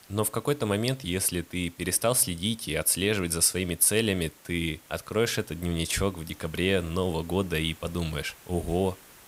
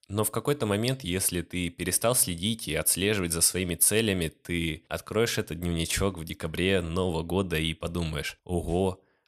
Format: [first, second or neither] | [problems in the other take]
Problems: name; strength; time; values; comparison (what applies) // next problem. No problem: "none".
second | hiss; faint; throughout; 25 dB below the speech